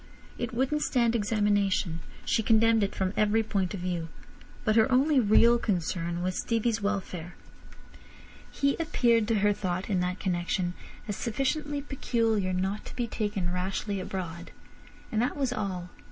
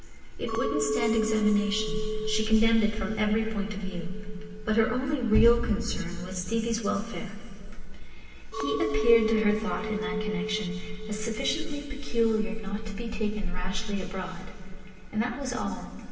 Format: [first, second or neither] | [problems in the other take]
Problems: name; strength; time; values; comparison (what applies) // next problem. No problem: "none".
first | background sound (Chink, clink); 10 dB below the speech // room echo; dies away in 2.7 s